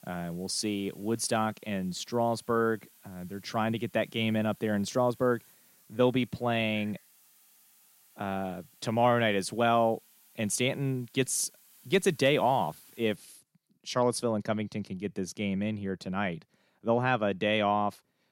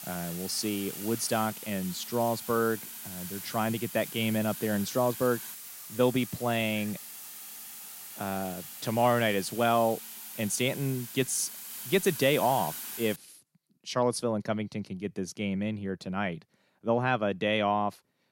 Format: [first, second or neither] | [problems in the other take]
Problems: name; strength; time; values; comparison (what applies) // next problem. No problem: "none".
first | hiss; loud; until 13 s; 9 dB below the speech; faint in the first